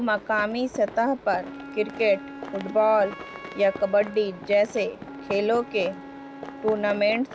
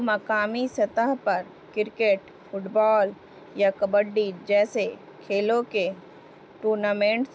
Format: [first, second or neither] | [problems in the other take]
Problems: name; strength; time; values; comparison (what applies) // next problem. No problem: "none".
second | background sound (Run + Wind instrument, woodwind instrument); 14 dB below the speech